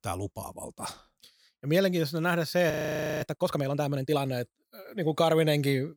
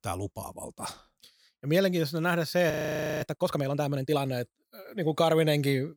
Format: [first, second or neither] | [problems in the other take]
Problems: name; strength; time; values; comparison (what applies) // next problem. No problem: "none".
neither | audio freezing; at 2.5 s for 0.5 s; the same in both